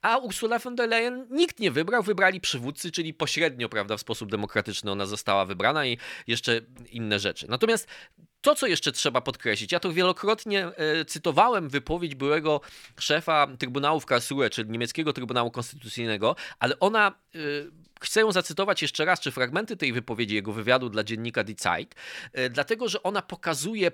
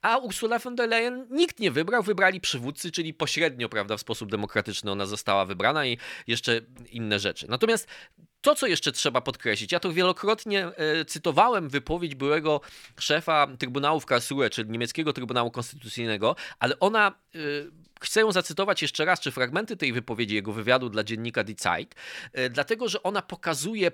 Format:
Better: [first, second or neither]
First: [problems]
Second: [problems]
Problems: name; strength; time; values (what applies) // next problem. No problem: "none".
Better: neither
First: none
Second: none